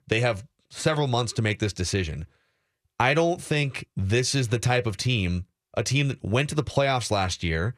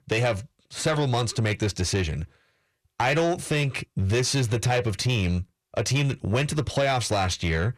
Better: first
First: none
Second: distortion; slight; 10 dB below the speech

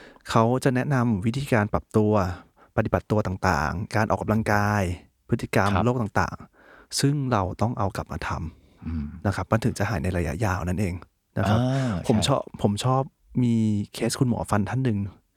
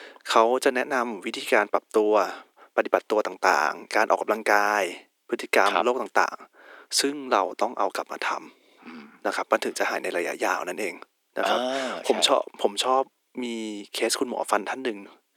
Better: first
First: none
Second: thin; very; fading below 300 Hz

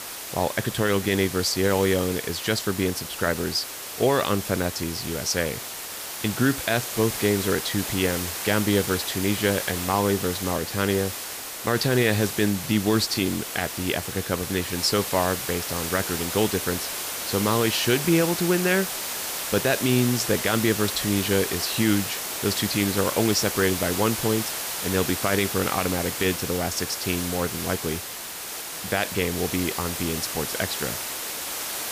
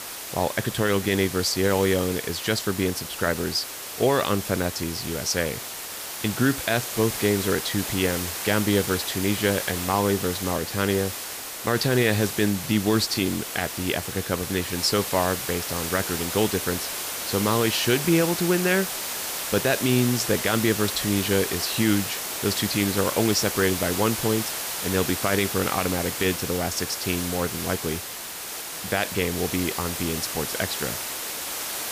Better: neither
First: hiss; loud; throughout; 4 dB below the speech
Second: hiss; loud; throughout; 4 dB below the speech

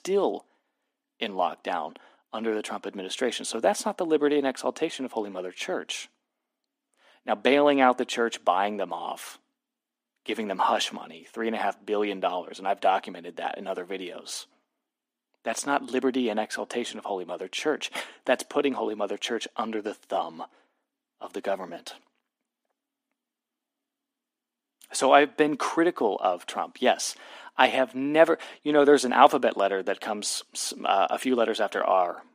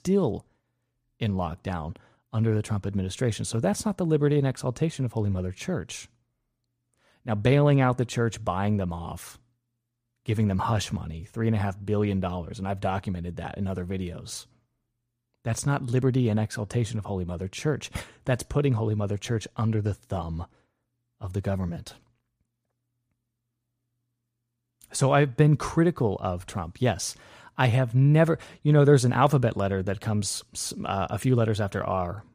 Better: second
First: thin; somewhat; fading below 250 Hz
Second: none

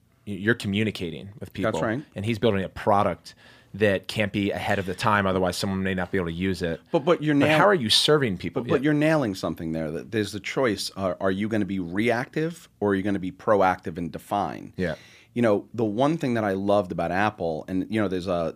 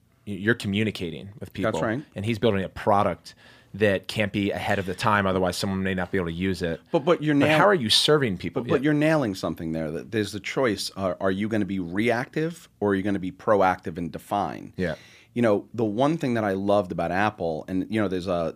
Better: neither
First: none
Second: none

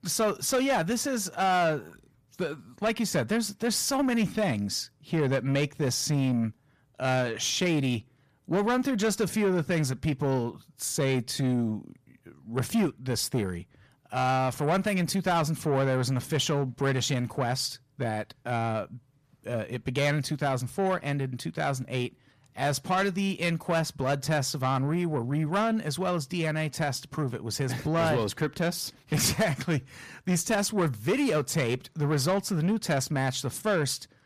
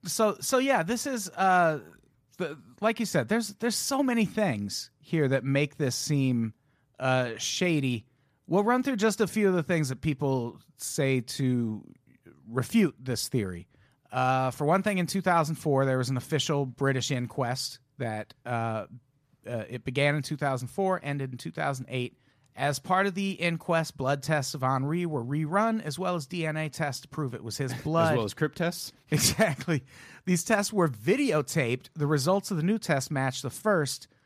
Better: second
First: distortion; slight; 10 dB below the speech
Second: none

